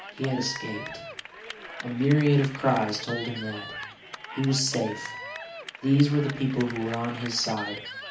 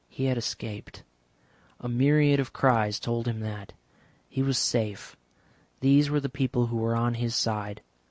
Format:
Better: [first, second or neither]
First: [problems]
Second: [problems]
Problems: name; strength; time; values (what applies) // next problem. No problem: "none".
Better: second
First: background sound (Cheering / Clapping); 11 dB below the speech // room echo; dies away in 0.4 s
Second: none